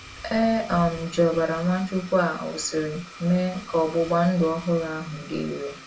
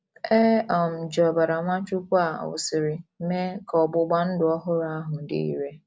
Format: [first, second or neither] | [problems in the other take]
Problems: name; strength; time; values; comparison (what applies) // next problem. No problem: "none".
second | background sound (Domestic sounds, home sounds); 17 dB below the speech // room echo; dies away in 0.2 s